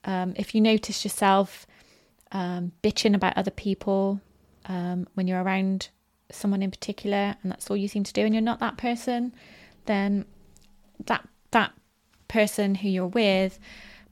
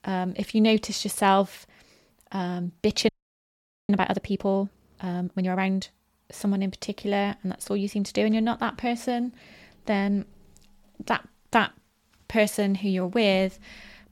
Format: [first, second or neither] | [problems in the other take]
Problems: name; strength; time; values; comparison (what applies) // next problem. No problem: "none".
first | audio freezing; at 3 s for 1 s